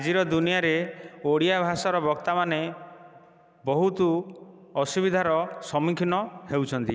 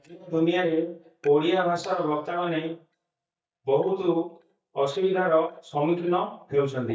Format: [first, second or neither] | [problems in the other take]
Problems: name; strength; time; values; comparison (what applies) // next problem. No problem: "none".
first | noise reduction (neural mask model DeepFilterNet 3)